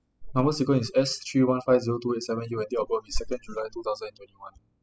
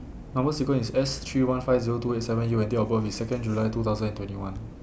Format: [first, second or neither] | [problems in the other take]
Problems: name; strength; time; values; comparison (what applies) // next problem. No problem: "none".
second | noise reduction (classical method spectral subtraction)